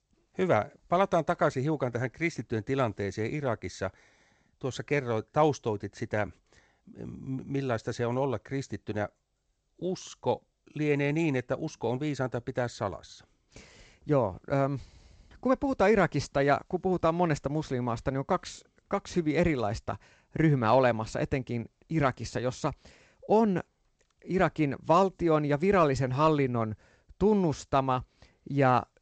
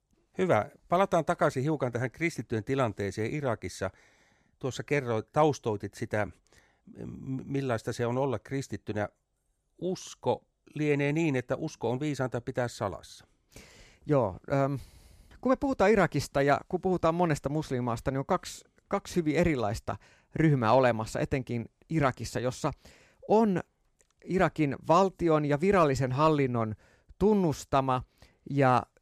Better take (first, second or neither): second